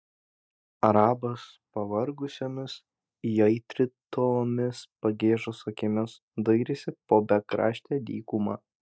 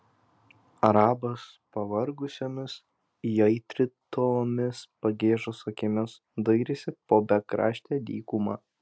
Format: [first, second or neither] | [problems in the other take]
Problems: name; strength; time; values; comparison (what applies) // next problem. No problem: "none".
second | noise reduction (neural mask model DeepFilterNet 3)